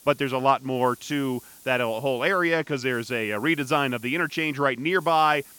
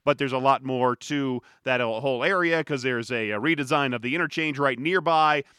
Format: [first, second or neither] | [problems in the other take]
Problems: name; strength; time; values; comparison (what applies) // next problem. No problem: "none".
second | hiss; faint; throughout; 25 dB below the speech